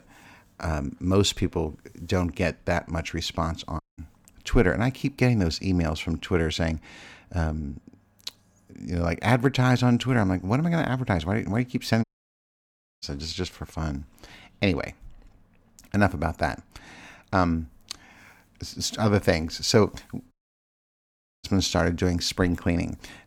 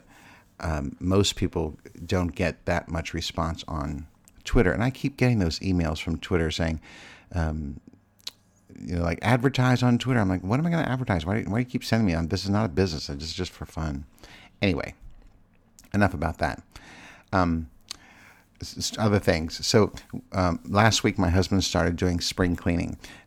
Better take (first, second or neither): second